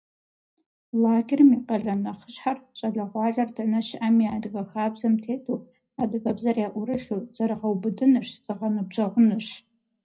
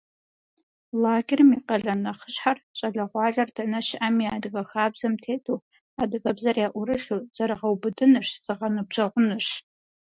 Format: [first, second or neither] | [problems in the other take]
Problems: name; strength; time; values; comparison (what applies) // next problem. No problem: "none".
second | room echo; dies away in 0.3 s